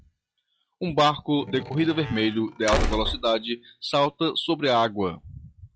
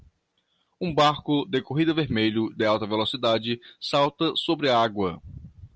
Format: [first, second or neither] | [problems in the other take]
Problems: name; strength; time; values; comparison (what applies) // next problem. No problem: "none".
second | noise reduction (classical method log-MMSE)